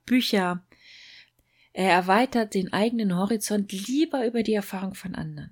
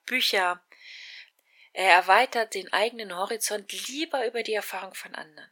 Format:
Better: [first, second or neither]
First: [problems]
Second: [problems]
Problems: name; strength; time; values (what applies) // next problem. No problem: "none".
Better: first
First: none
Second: thin; very; fading below 500 Hz